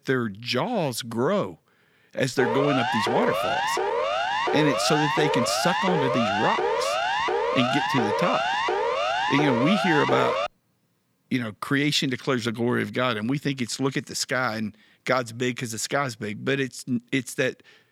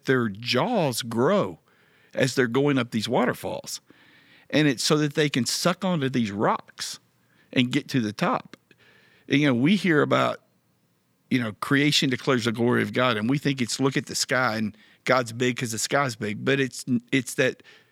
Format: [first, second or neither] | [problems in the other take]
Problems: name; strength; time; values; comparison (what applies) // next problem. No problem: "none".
second | siren; loud; from 2.5 to 10 s; peak 2 dB above the speech